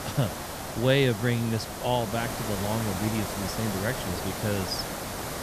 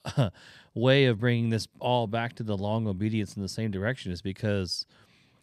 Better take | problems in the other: second | hiss; loud; throughout; 5 dB below the speech

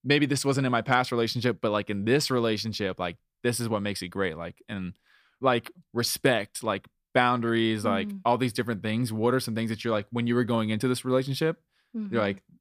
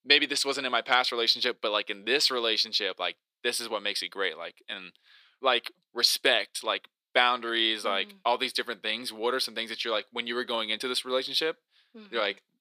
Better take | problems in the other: first | thin; somewhat; fading below 400 Hz

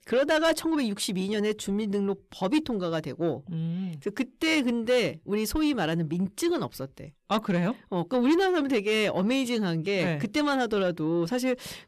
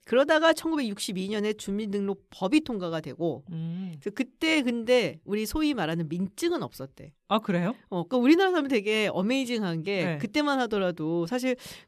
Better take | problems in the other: second | distortion; slight; 10 dB below the speech

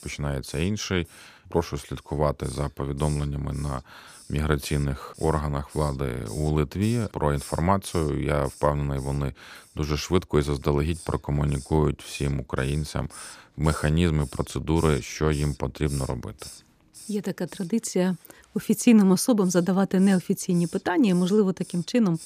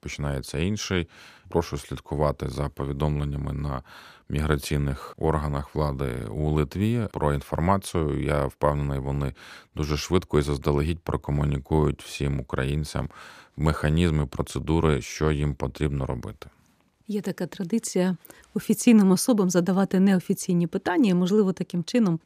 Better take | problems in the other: second | hiss; noticeable; throughout; 20 dB below the speech

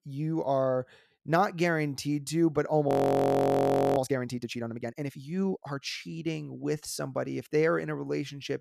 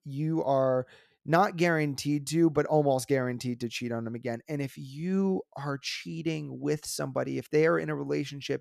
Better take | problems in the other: second | audio freezing; at 3 s for 1 s

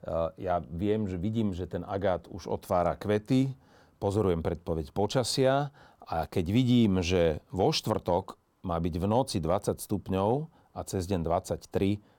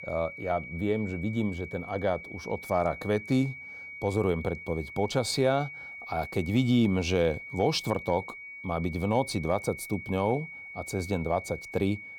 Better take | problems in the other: first | high-pitched whine; noticeable; throughout; 2 kHz, 10 dB below the speech

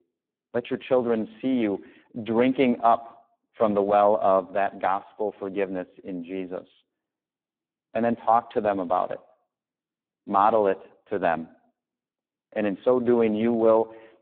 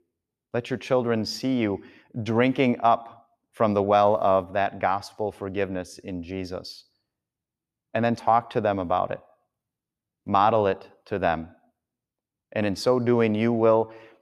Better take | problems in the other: second | phone-call audio; poor line

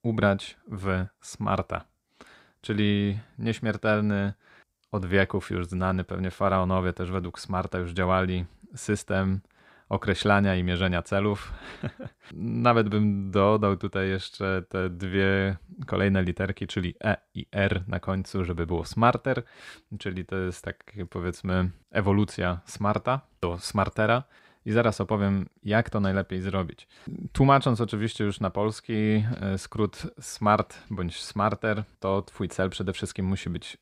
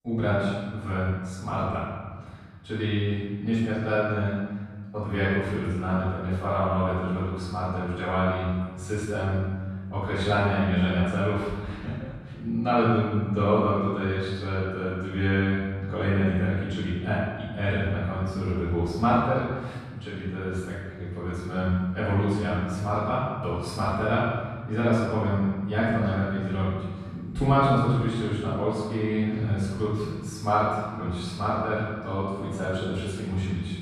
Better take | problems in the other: first | off-mic speech; far // room echo; strong; dies away in 1.6 s

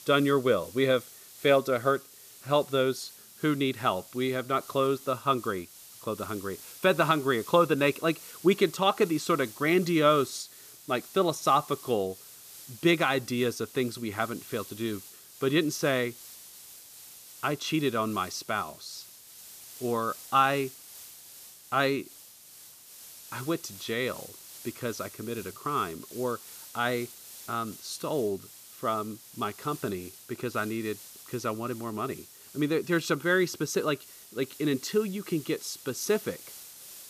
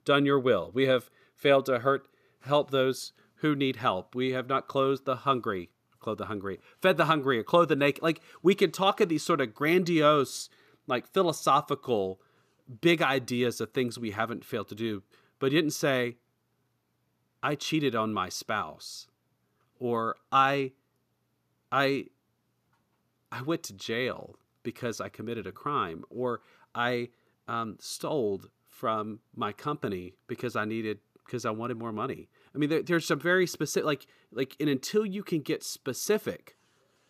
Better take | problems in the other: second | hiss; noticeable; throughout; 15 dB below the speech

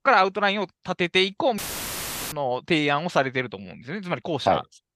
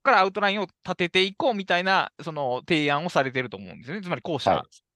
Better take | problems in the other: second | audio cutting out; filled with static; at 1.5 s for 0.5 s

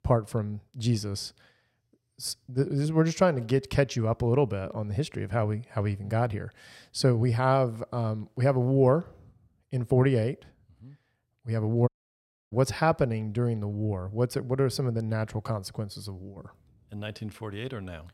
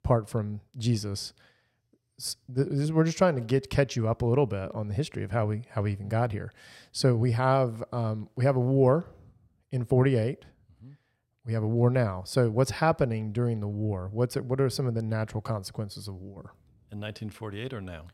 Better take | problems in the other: second | audio cutting out; at 12 s for 0.5 s

